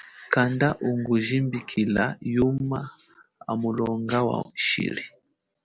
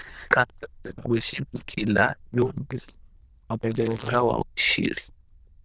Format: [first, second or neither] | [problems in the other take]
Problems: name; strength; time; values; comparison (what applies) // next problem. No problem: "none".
first | noise reduction (neural diffusion model UNIVERSE++)